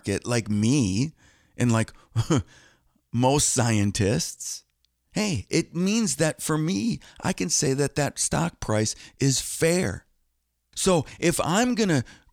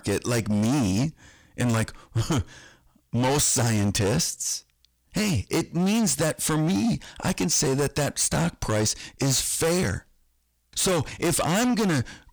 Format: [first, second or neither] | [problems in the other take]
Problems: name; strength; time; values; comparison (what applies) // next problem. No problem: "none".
first | distortion; heavy; 6 dB below the speech